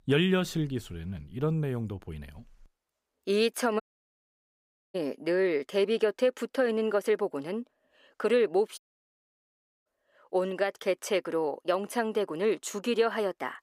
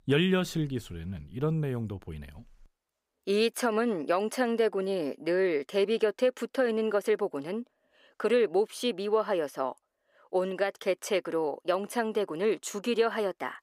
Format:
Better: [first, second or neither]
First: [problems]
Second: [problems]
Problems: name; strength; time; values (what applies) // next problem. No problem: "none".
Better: second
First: audio cutting out; at 4 s for 1 s and at 9 s for 1 s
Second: none